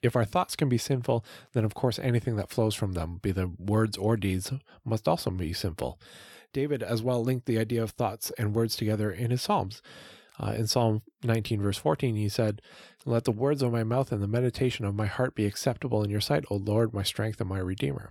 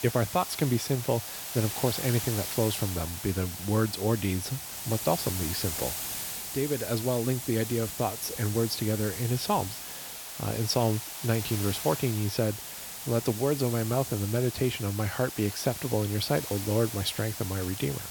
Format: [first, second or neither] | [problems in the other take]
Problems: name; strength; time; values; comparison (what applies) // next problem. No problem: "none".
first | hiss; loud; throughout; 5 dB below the speech